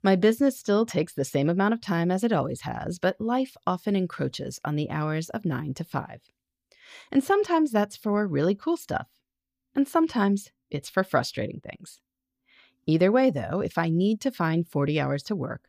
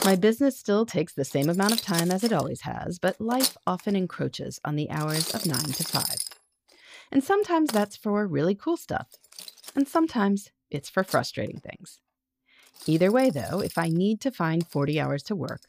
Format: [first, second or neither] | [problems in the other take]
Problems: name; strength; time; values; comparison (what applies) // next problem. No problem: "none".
first | household noises; loud; throughout; 5 dB below the speech